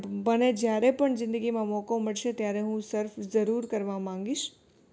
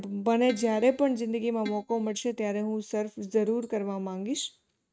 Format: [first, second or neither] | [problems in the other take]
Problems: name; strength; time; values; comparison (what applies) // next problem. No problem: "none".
first | noise reduction (neural mask model RNNoise)